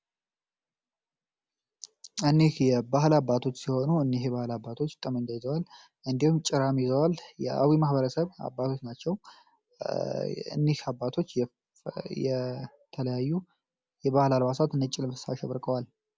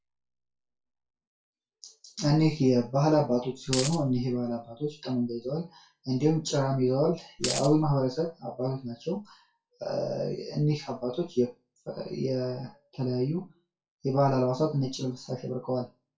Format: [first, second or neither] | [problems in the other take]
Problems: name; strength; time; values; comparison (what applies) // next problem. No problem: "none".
first | noise reduction (classical method WPE with log-MMSE)